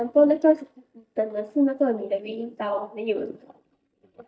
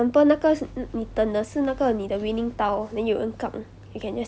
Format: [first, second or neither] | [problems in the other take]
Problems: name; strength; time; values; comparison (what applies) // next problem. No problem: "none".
second | noise reduction (neural mask model DeepFilterNet 3)